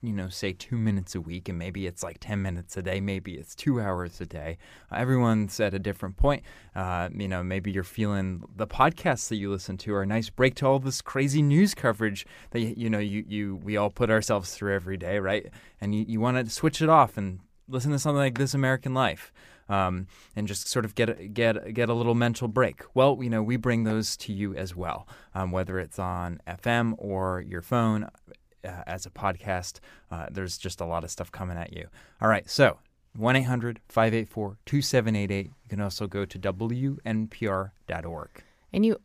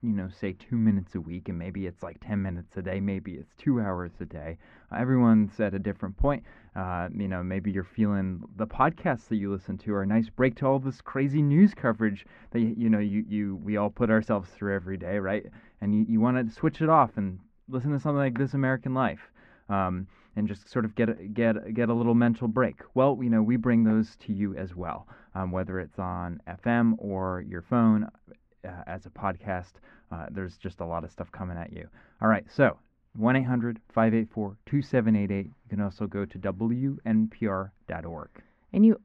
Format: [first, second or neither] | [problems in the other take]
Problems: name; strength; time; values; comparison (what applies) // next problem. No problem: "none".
first | muffled; very; fading above 1.5 kHz